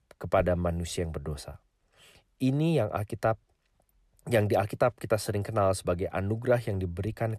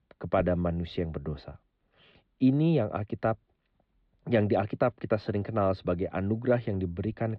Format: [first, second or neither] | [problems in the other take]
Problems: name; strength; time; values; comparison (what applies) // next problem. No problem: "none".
first | muffled; slightly; fading above 4 kHz